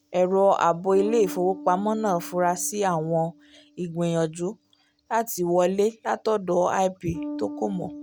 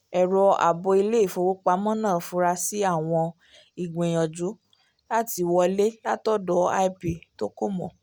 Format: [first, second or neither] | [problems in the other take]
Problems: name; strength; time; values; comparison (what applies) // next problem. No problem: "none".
second | background sound (Bass guitar); 15 dB below the speech